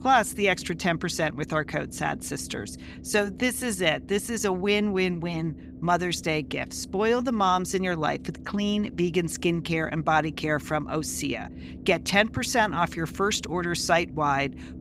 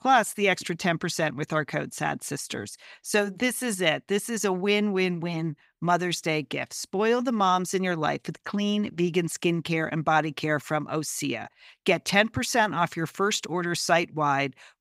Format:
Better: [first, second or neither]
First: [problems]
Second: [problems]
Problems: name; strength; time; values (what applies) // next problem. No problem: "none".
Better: second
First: low rumble; faint; throughout; 20 dB below the speech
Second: none